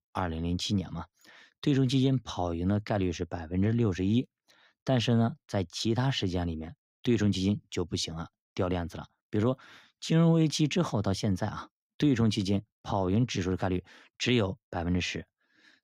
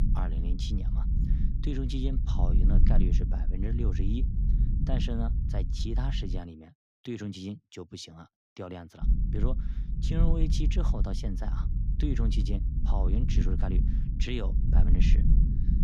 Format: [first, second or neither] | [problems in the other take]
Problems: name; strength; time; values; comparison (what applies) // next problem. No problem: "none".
first | low rumble; loud; until 6.5 s and from 9 s on; 4 dB below the speech